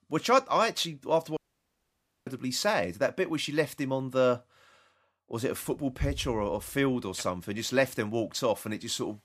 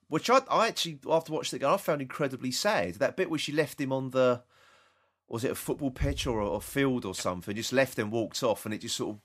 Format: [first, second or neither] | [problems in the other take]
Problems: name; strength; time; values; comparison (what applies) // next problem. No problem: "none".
second | audio cutting out; at 1.5 s for 1 s